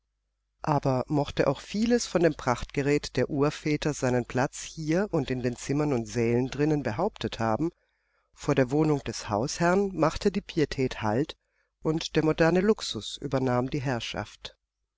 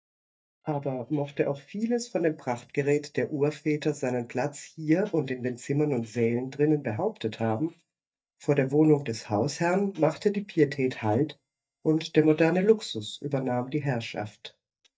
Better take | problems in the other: first | noise reduction (neural mask model DeepFilterNet 3)

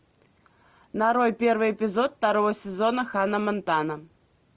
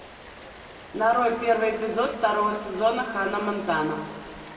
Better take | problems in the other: first | background sound (Rain); 17 dB below the speech // room echo; dies away in 1.9 s

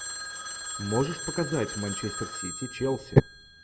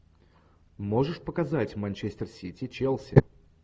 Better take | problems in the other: second | background sound (Telephone); 7 dB below the speech

